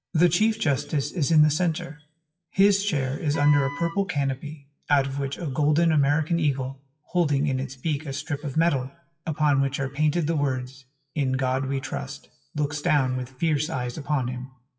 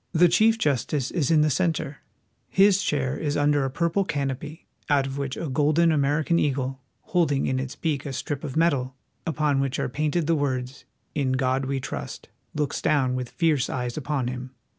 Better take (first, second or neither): second